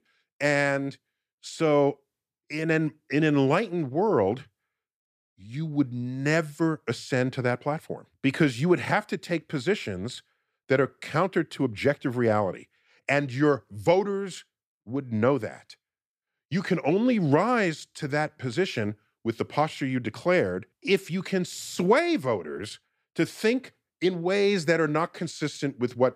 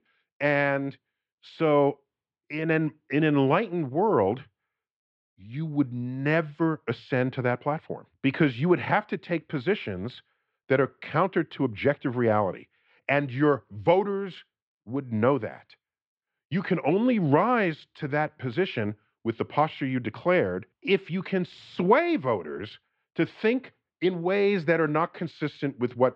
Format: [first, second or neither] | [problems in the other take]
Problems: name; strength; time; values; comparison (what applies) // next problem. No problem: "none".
first | muffled; slightly; fading above 3 kHz